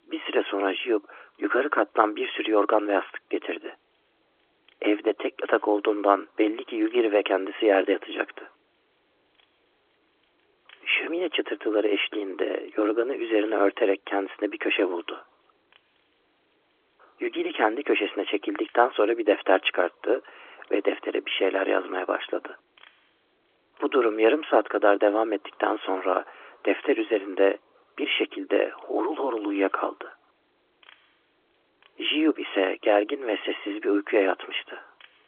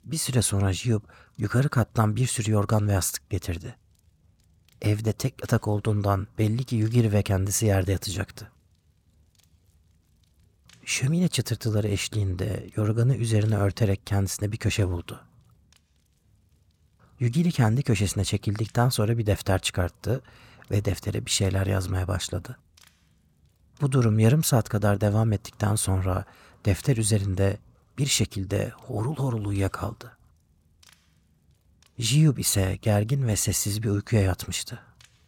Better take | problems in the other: second | phone-call audio; nothing above 3.5 kHz

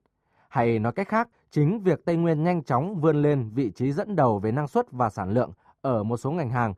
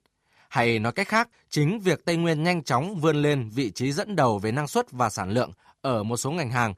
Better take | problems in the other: second | muffled; very; fading above 2 kHz

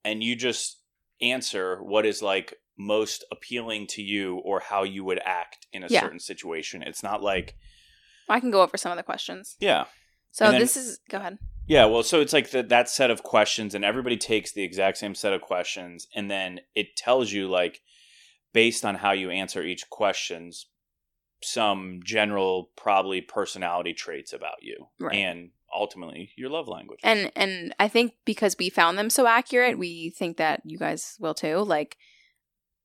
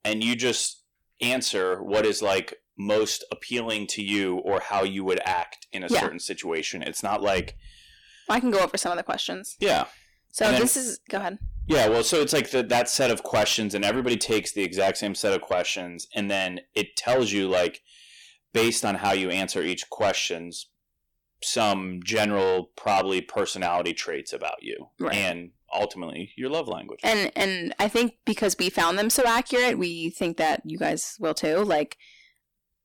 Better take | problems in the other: first | distortion; heavy; 6 dB below the speech

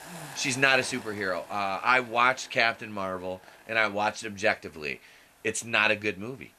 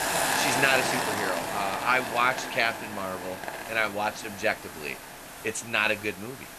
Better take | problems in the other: first | hiss; loud; throughout; 3 dB below the speech; faint in the first

